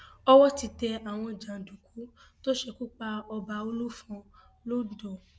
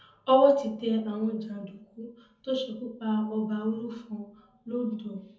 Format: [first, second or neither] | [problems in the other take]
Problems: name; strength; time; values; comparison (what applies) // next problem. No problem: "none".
first | room echo; dies away in 0.6 s